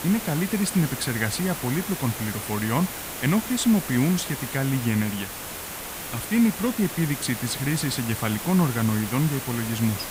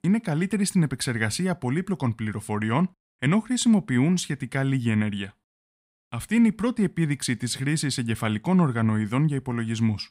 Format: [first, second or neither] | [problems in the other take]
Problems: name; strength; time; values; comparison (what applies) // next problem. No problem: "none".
second | hiss; loud; throughout; 7 dB below the speech